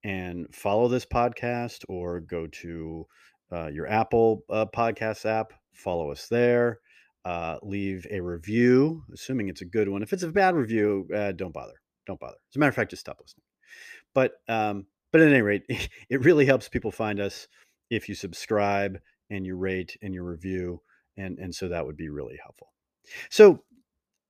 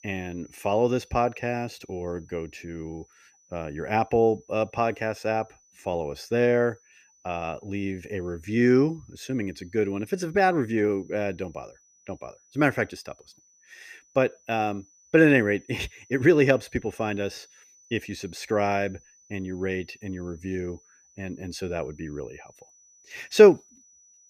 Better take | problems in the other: first | high-pitched whine; faint; throughout; 6 kHz, 30 dB below the speech

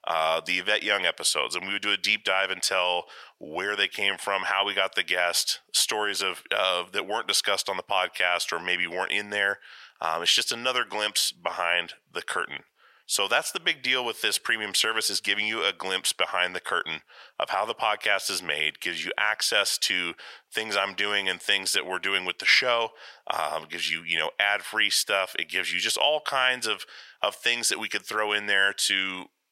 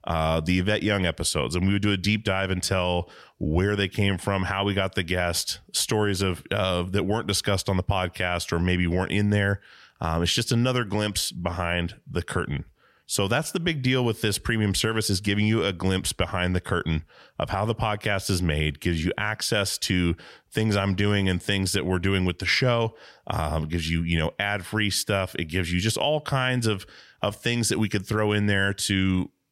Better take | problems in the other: second | thin; very; fading below 750 Hz

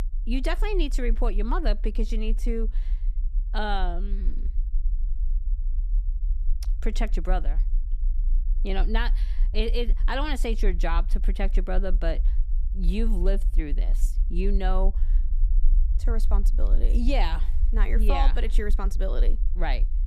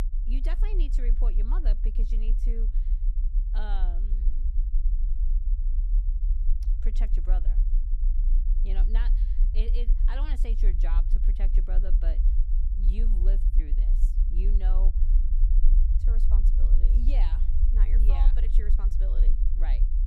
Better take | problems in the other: first | low rumble; loud; throughout; 6 dB below the speech; faint in the first

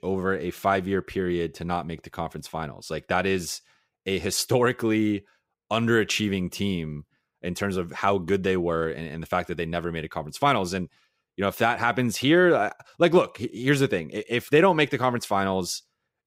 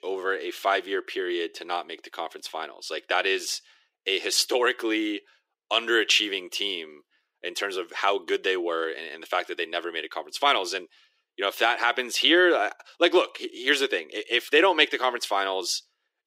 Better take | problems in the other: first | thin; very; fading below 350 Hz

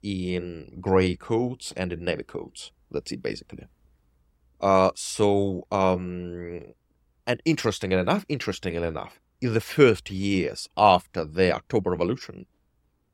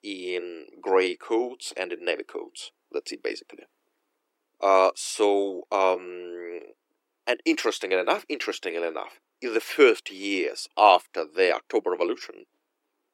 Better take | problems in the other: first | thin; somewhat; fading below 300 Hz

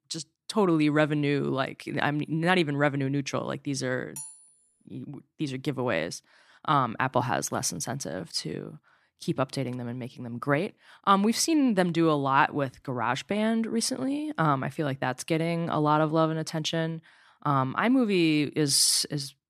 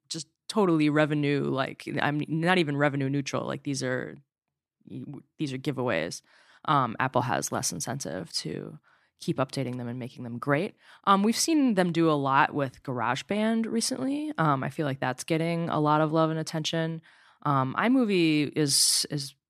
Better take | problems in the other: second | clattering dishes; faint; at 4 s; peak 15 dB below the speech

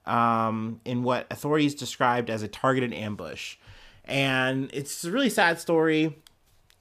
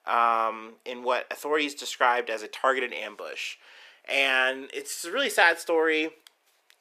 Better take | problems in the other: first | thin; very; fading below 400 Hz

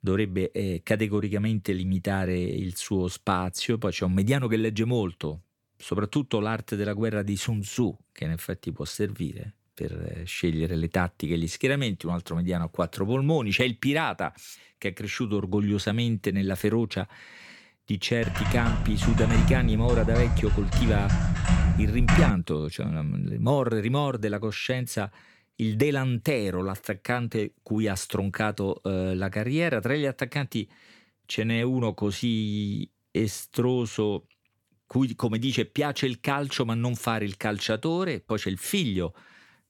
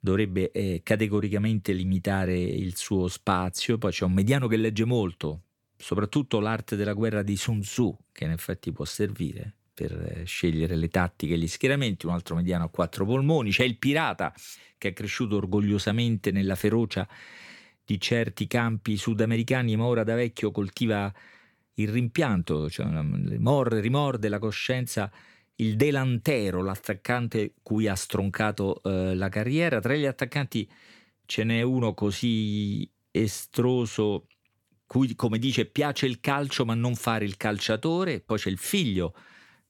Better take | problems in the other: second | keyboard typing; loud; from 18 to 22 s; peak 5 dB above the speech

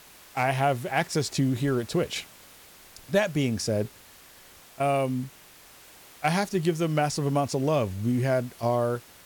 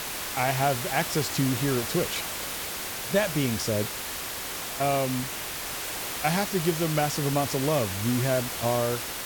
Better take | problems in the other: first | hiss; loud; throughout; 3 dB below the speech; faint in the first

